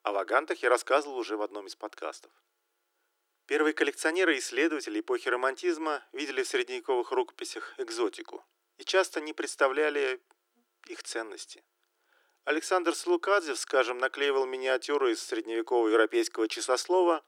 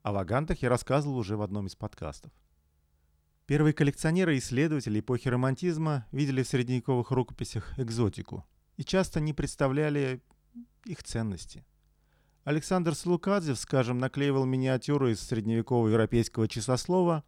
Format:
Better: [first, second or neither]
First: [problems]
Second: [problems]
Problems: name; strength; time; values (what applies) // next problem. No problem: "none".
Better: second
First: thin; very; fading below 300 Hz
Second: none